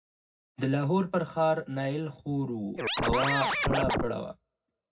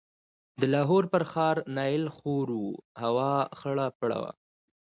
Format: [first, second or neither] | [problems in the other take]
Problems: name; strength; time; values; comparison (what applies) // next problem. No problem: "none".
second | background sound (Scratching (performance technique)); 2 dB above the speech // room echo; dies away in 0.4 s